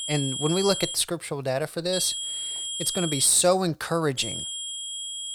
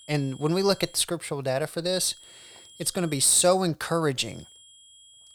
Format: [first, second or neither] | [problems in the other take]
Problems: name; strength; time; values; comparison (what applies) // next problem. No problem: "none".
second | high-pitched whine; loud; at the start, from 2 to 3.5 s and from 4 s on; 3 kHz, 6 dB below the speech; faint in the second